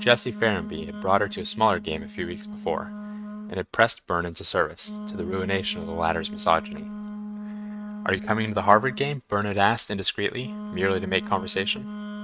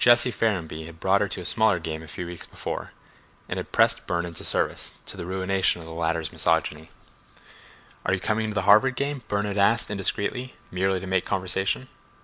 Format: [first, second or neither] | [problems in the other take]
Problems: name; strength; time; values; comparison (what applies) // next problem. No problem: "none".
second | noise reduction (neural mask model RNNoise)